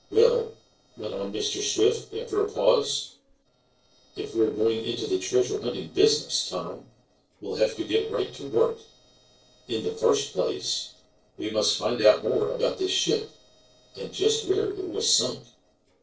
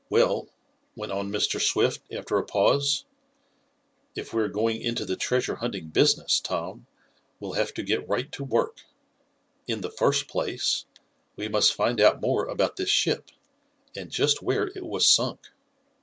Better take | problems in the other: second | noise reduction (neural separator model SepFormer DNS4)

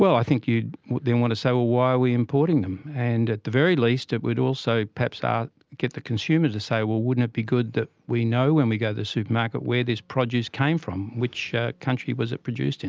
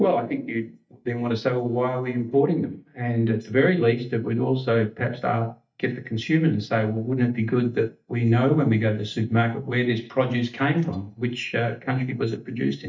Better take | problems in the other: first | noise reduction (neural mask model DeepFilterNet 3)

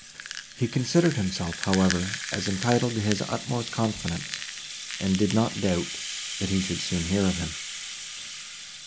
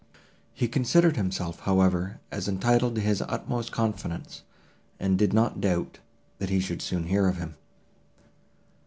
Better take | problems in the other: second | background sound (Rattle (instrument)); 8 dB below the speech

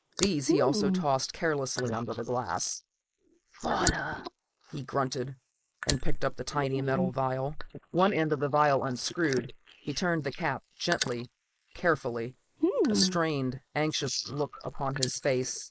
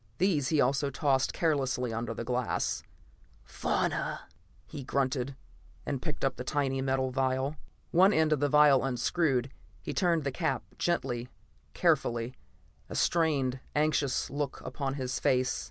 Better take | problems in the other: second | noise reduction (neural mask model Resemble Enhance denoiser)

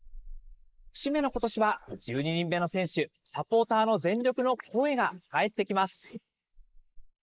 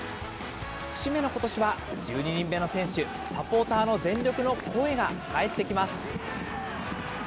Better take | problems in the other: second | noise reduction (neural mask model Resemble Enhance denoiser)

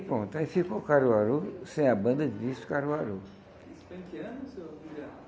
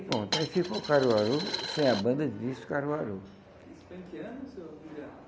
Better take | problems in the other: first | background sound (Coin (dropping)); 6 dB below the speech

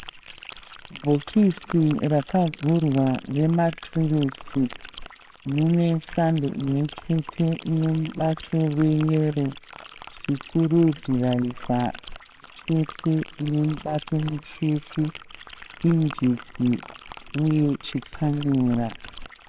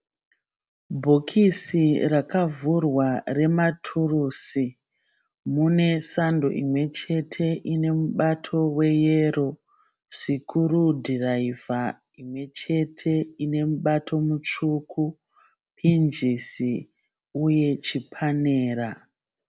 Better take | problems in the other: second | noise reduction (neural separator model SepFormer WHAMR!)

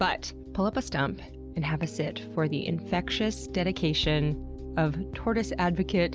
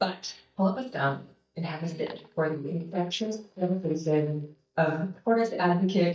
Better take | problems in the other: first | noise reduction (neural mask model DeepFilterNet 3)

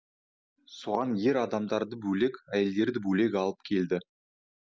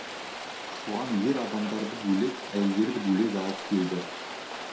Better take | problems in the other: first | background sound (Rain); 9 dB below the speech // room echo; dies away in 0.7 s

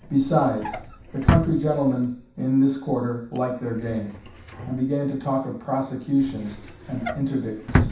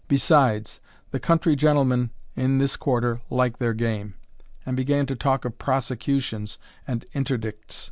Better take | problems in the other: second | background sound (Drawer open or close); 5 dB below the speech // room echo; dies away in 0.7 s

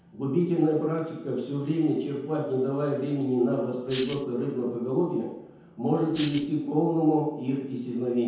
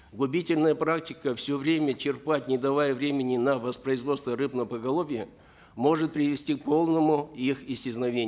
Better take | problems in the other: second | background sound (Tambourine); 12 dB below the speech // room echo; dies away in 0.9 s

